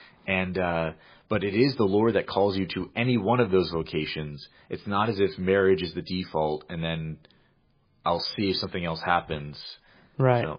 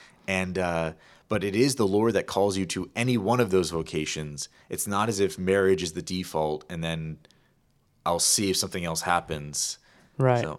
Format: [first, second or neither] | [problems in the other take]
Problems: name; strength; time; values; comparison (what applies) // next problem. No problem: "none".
second | garbled, watery; badly; nothing above 5 kHz